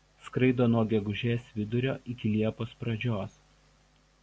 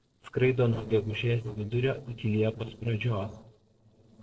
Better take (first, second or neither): first